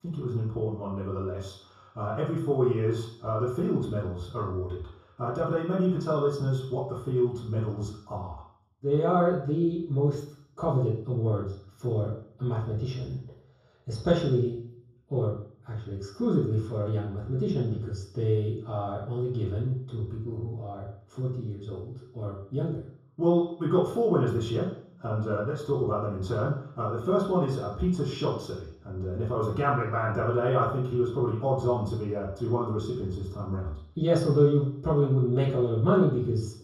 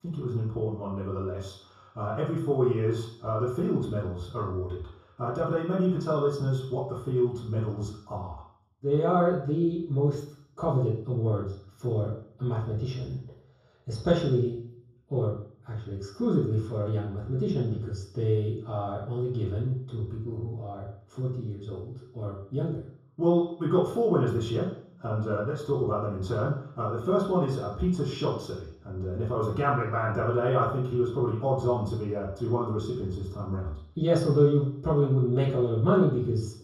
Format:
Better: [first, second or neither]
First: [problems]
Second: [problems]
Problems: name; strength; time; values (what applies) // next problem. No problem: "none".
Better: neither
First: room echo; noticeable; dies away in 0.6 s // off-mic speech; far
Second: room echo; noticeable; dies away in 0.6 s // off-mic speech; far